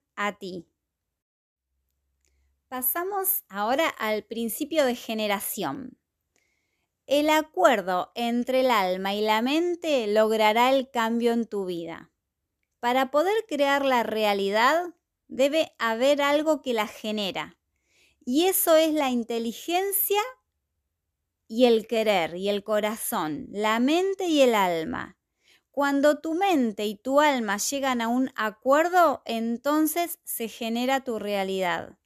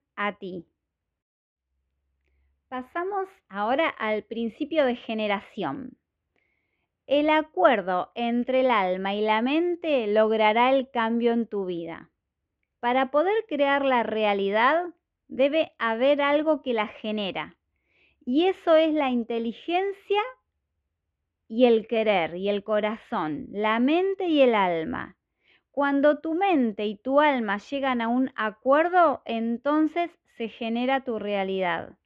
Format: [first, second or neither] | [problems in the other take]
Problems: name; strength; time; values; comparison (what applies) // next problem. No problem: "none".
first | muffled; very; fading above 3 kHz